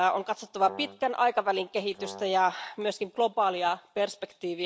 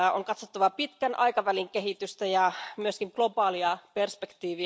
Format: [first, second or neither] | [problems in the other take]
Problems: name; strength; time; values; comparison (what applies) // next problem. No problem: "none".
second | background sound (Brass instrument); 15 dB below the speech